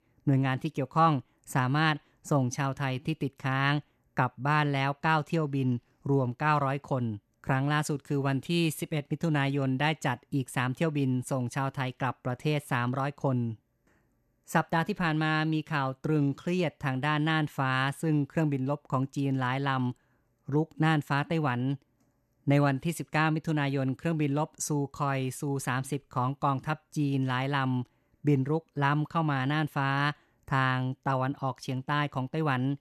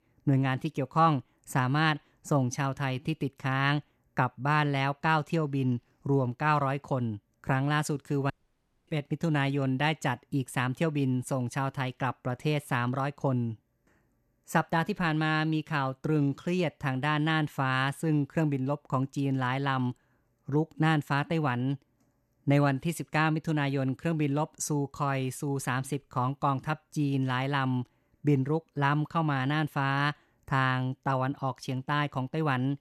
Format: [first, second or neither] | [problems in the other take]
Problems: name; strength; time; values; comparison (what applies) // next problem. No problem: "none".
first | audio cutting out; at 8.5 s for 0.5 s